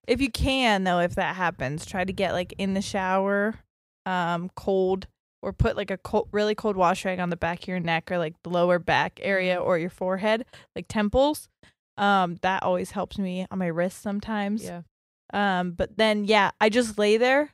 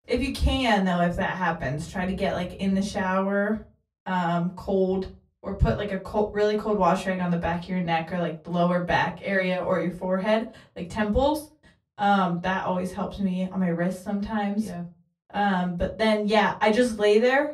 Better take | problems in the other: first | off-mic speech; far // room echo; very slight; dies away in 0.3 s

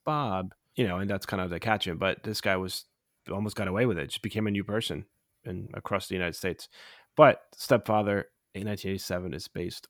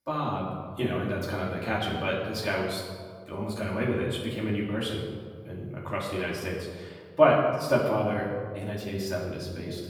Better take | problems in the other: first | room echo; noticeable; dies away in 1.5 s // off-mic speech; far

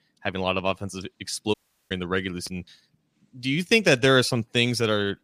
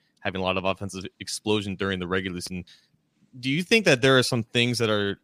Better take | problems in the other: second | audio cutting out; at 1.5 s

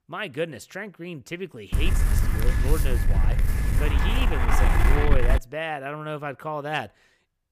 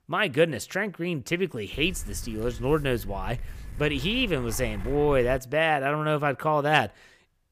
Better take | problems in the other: second | wind noise on the microphone; heavy; from 1.5 to 5.5 s; as loud as the speech; occasional gusts in the second

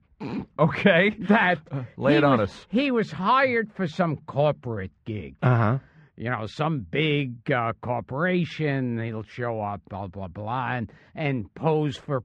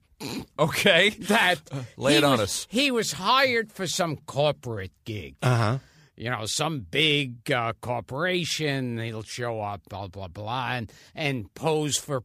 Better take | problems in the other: second | muffled; very; fading above 1.5 kHz

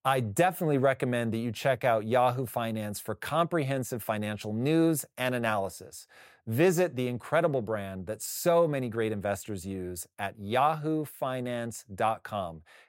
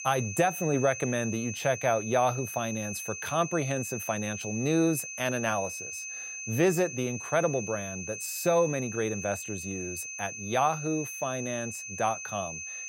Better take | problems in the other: first | high-pitched whine; loud; throughout; 2.5 kHz, 7 dB below the speech

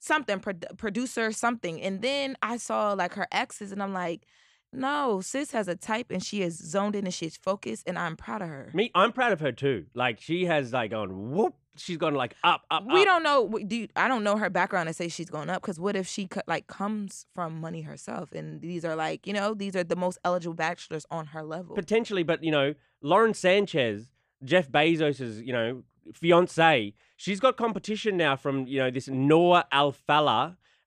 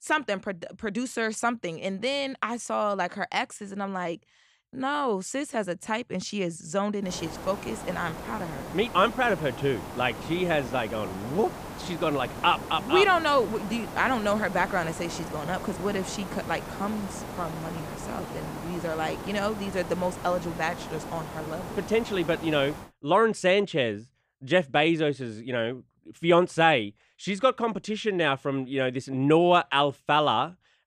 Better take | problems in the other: first | hiss; noticeable; from 7 to 23 s; 10 dB below the speech

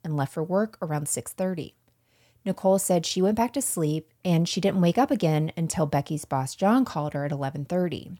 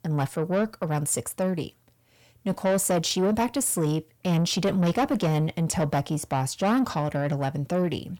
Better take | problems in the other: first | distortion; slight; 10 dB below the speech

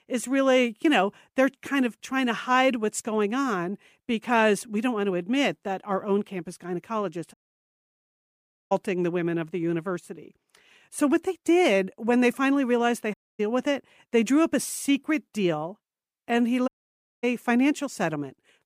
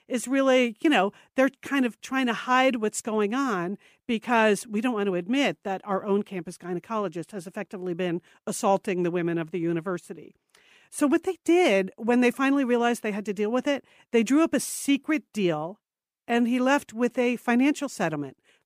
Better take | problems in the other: second | audio cutting out; at 7.5 s for 1.5 s, at 13 s and at 17 s for 0.5 s

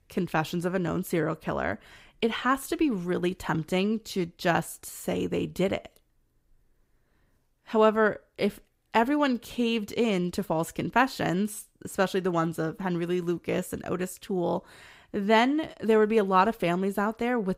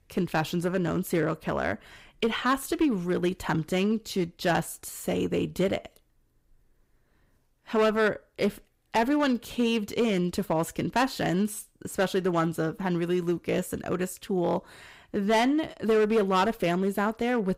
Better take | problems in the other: first | distortion; slight; 4% of the sound clipped

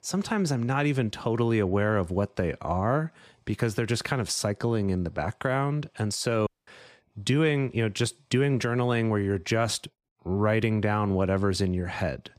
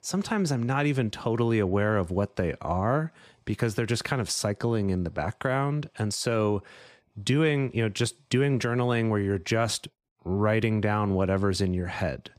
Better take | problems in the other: second | audio cutting out; at 6.5 s

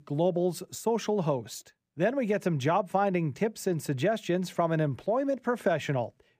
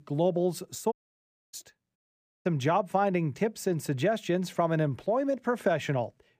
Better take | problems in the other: first | audio cutting out; at 1 s for 0.5 s and at 2 s

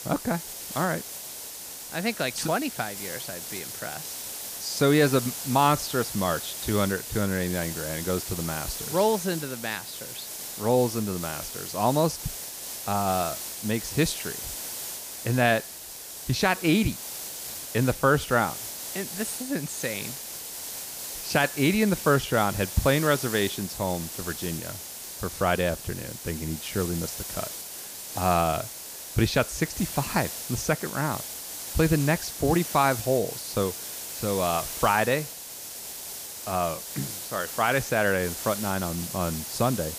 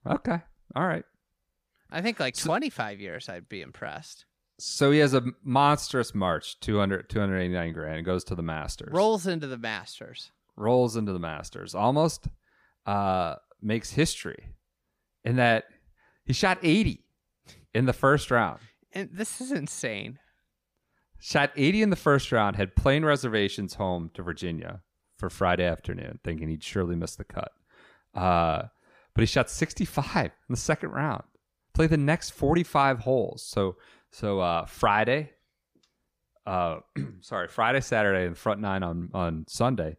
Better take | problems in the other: second | hiss; loud; throughout; 7 dB below the speech

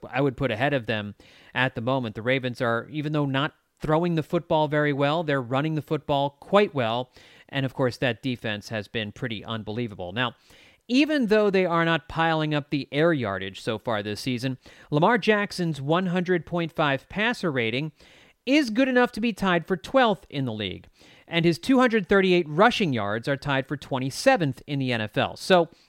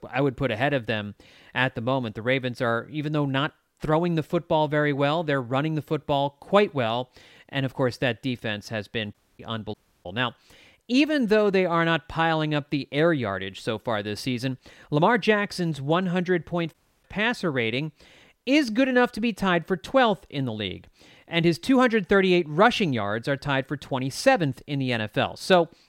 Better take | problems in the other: first | audio cutting out; at 9 s, at 9.5 s and at 17 s

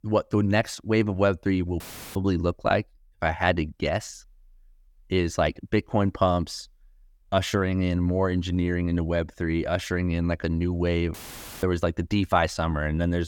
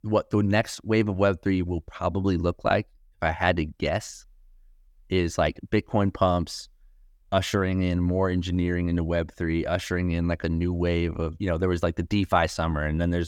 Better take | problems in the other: second | audio cutting out; filled with static; at 2 s and at 11 s

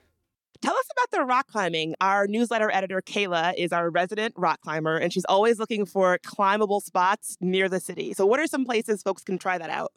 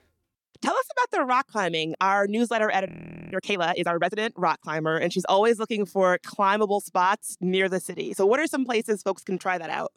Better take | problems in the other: first | audio freezing; at 3 s

